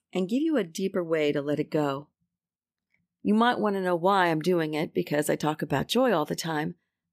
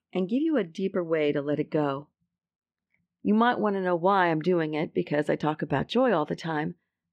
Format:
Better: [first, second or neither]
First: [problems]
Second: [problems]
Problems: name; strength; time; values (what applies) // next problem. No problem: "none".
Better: first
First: none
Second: muffled; slightly; fading above 3 kHz